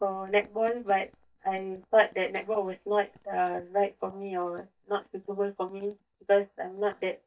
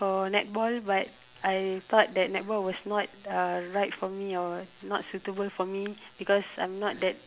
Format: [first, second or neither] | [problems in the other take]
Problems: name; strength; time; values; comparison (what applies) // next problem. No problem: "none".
second | noise reduction (neural mask model DeepFilterNet 3)